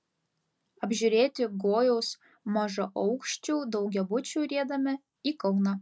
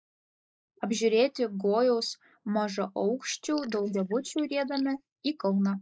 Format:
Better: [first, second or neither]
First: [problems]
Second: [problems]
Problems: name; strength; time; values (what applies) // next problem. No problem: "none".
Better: first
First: none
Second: noise reduction (neural mask model Resemble Enhance denoiser)